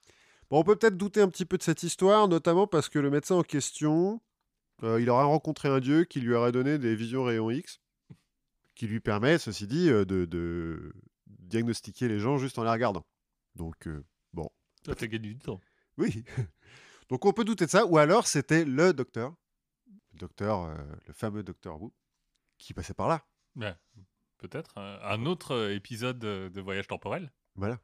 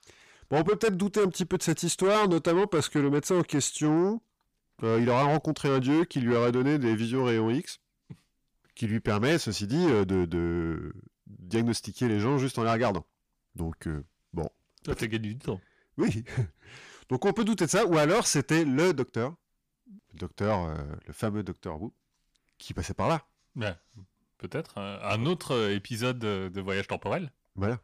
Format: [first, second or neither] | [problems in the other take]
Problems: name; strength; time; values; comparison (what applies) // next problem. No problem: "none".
first | distortion; heavy; 8 dB below the speech